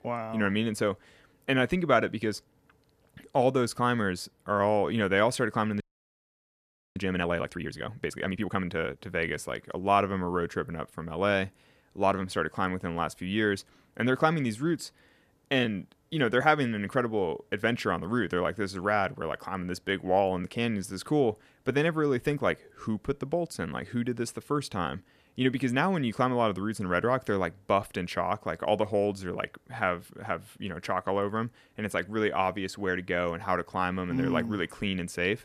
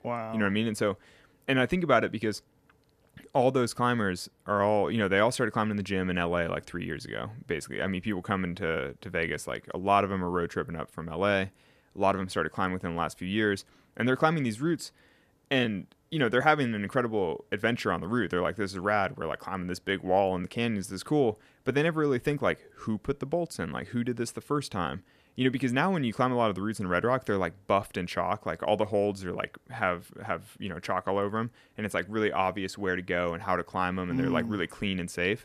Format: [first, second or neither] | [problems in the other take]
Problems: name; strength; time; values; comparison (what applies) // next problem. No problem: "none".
second | audio freezing; at 6 s for 1 s